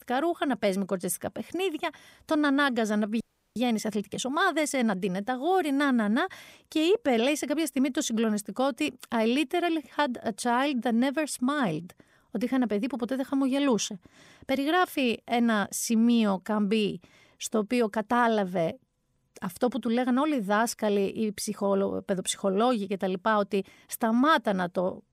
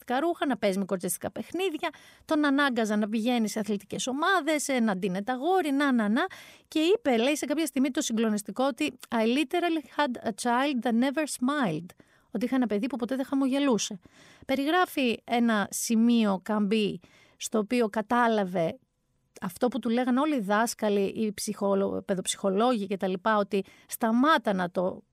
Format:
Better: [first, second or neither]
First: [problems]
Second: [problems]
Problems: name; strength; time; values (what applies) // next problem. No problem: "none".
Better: second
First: audio freezing; at 3 s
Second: none